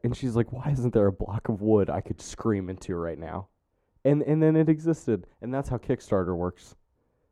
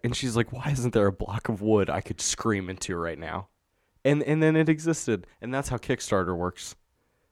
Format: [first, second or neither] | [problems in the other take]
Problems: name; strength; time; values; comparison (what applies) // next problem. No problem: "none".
second | muffled; slightly; fading above 1.5 kHz